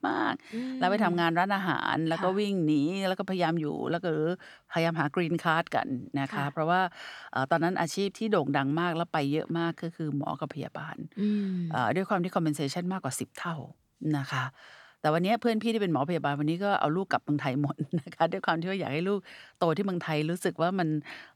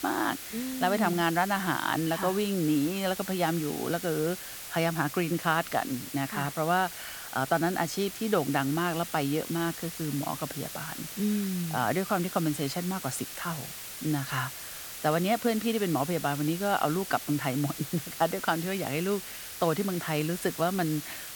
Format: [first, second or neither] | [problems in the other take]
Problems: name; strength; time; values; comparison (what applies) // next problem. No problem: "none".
first | hiss; loud; throughout; 8 dB below the speech